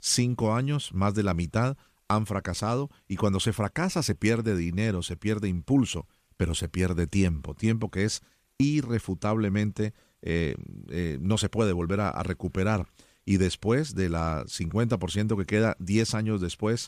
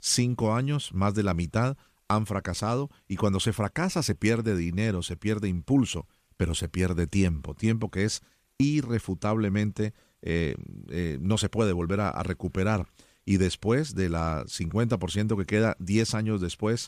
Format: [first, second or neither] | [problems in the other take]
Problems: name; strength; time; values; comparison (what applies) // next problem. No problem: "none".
neither | none